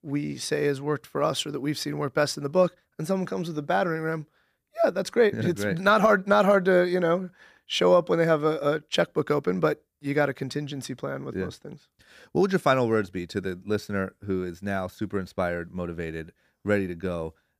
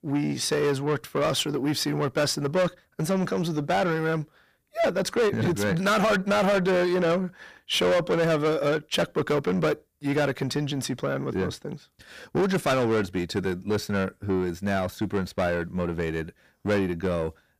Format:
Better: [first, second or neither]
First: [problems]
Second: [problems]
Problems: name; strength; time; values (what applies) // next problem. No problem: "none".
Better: first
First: none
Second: distortion; heavy; 7 dB below the speech